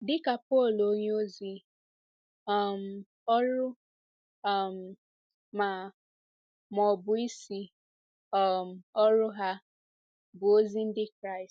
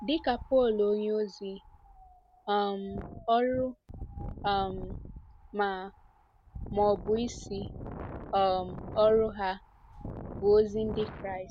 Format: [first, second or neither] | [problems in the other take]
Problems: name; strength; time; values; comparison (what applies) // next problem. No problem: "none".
first | background sound (Wind); 13 dB below the speech